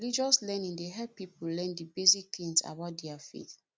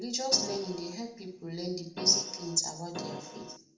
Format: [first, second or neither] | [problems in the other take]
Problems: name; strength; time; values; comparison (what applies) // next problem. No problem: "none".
first | background sound (Keyboard (musical)); 9 dB below the speech // room echo; dies away in 0.6 s